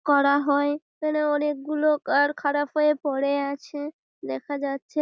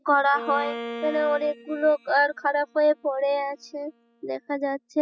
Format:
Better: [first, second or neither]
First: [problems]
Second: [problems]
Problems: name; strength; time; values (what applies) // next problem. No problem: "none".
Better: first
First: none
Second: noise reduction (classical method spectral subtraction)